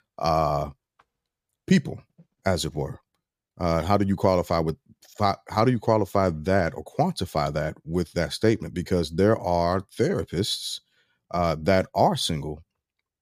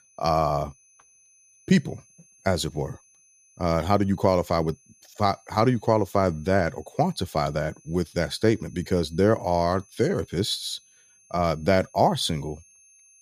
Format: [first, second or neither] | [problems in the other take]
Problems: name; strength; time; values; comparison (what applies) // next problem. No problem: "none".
first | high-pitched whine; faint; throughout; 6 kHz, 30 dB below the speech